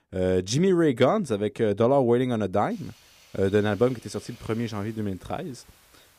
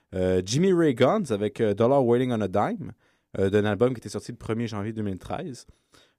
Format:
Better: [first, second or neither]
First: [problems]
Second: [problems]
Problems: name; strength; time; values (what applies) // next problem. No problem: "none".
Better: second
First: hiss; faint; from 2.5 s on; 25 dB below the speech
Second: none